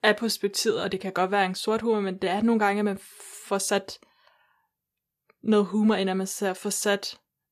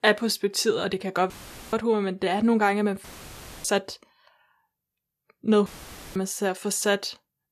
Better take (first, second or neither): first